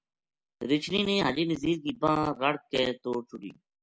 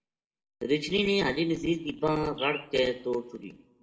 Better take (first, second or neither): first